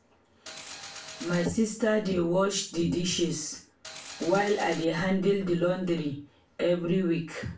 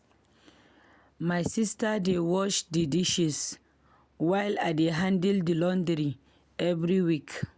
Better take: second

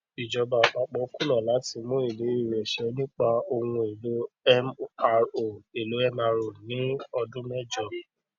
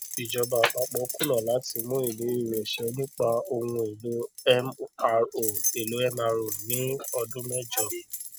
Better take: first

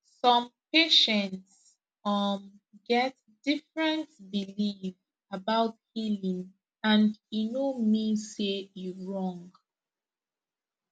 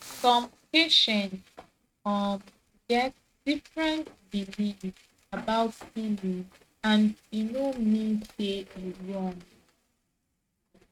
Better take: first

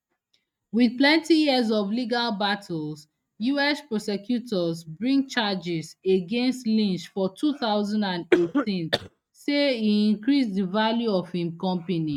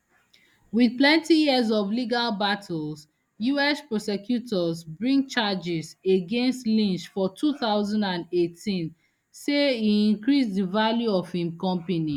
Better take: second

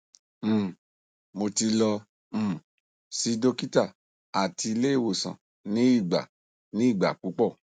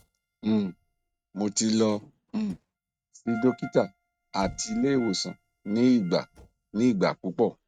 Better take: first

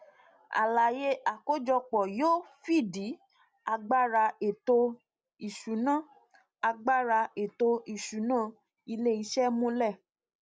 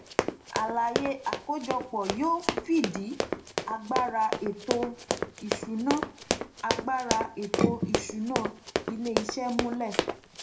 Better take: first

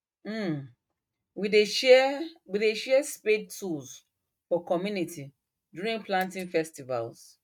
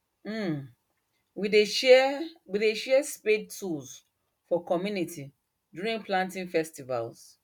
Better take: second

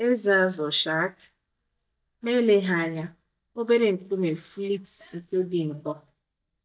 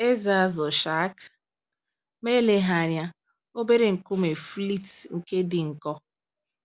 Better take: second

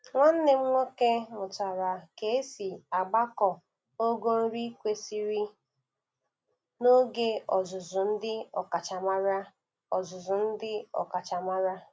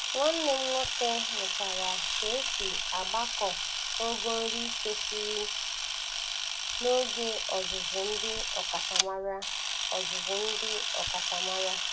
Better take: first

